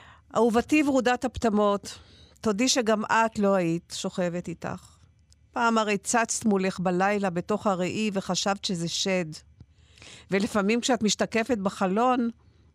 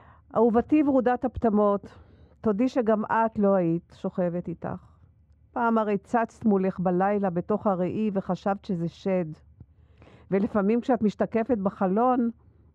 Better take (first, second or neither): first